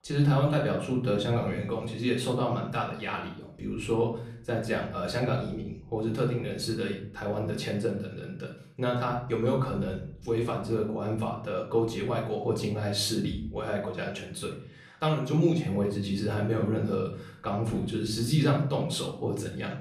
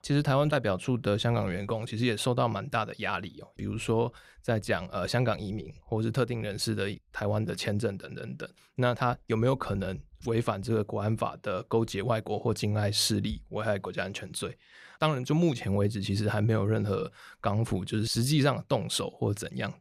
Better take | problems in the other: second | off-mic speech; somewhat distant // room echo; slight; dies away in 0.5 s

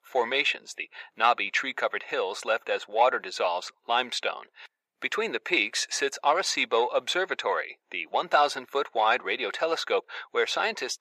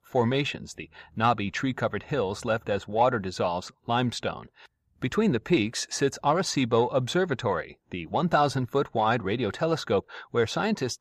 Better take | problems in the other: second | thin; very; fading below 450 Hz

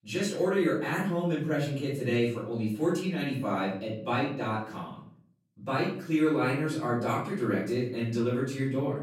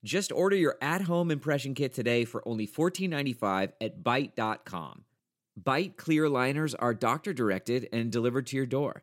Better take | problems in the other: second | off-mic speech; far // room echo; noticeable; dies away in 0.5 s

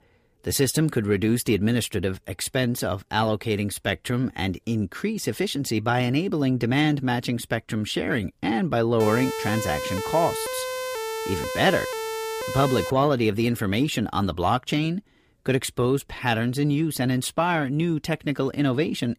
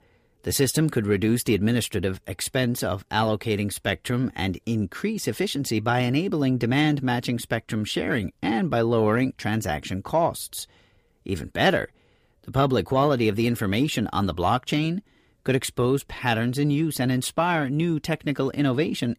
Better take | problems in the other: second | siren; noticeable; from 9 to 13 s; peak 5 dB below the speech

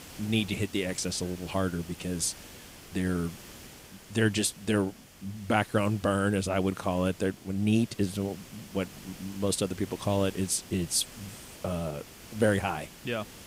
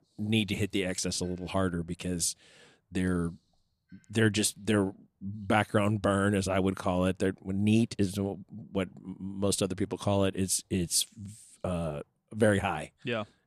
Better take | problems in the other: second | hiss; noticeable; throughout; 15 dB below the speech

